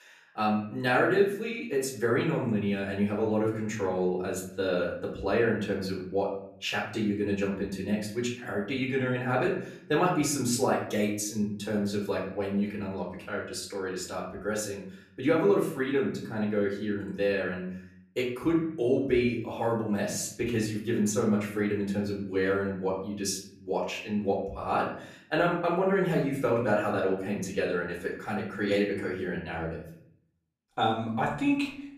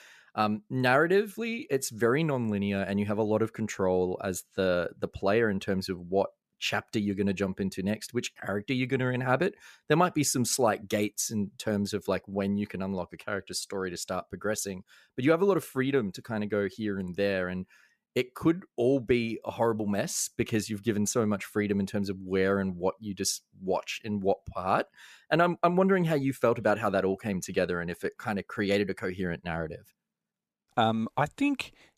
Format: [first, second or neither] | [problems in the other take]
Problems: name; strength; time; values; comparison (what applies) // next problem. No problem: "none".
second | room echo; slight; dies away in 0.6 s // off-mic speech; far